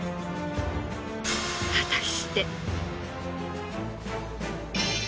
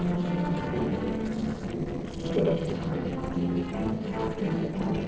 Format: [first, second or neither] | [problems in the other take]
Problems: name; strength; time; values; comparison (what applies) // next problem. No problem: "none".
first | noise reduction (neural separator model SepFormer DNS4)